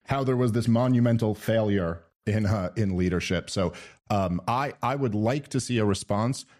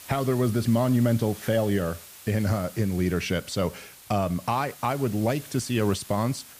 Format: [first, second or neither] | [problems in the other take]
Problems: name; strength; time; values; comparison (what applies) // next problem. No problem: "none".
first | hiss; noticeable; throughout; 15 dB below the speech